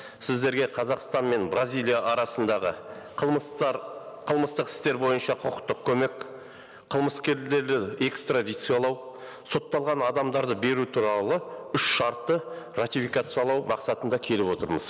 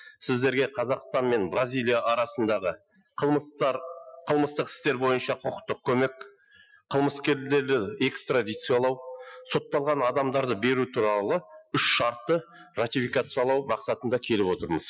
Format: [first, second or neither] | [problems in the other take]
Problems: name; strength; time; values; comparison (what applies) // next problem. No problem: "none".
first | noise reduction (classical method Wiener filter)